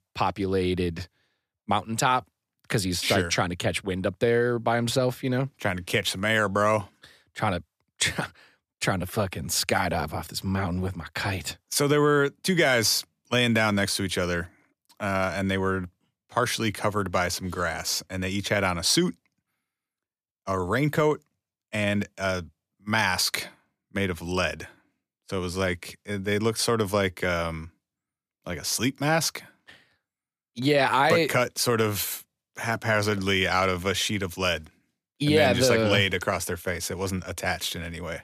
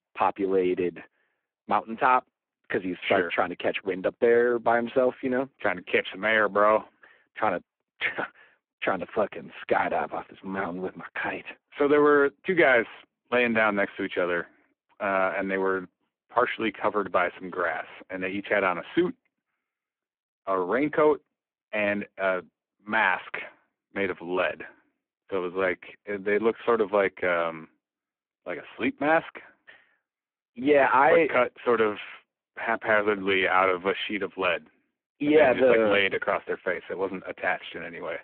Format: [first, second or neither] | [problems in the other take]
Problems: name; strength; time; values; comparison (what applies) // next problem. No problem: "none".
first | phone-call audio; poor line